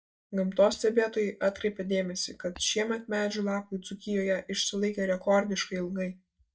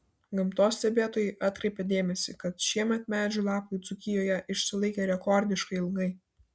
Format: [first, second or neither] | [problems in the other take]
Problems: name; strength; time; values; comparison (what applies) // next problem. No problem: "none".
second | noise reduction (neural mask model DeepFilterNet 3)